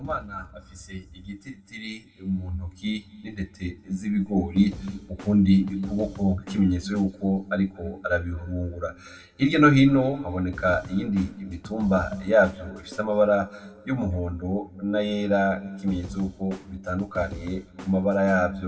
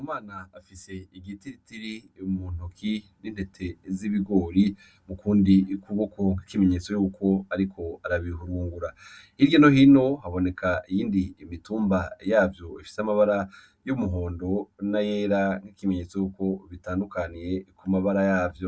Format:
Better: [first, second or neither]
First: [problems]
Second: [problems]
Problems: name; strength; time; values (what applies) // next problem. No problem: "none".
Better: second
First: background sound (Snare drum / Drum kit); 17 dB below the speech // room echo; dies away in 1.4 s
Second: none